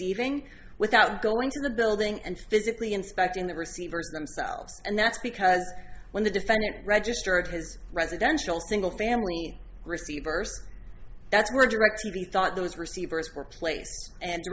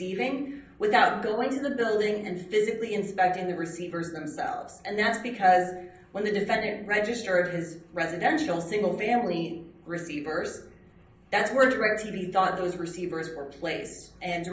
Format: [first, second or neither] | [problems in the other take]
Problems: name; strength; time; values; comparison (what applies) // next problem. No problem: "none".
first | room echo; dies away in 0.6 s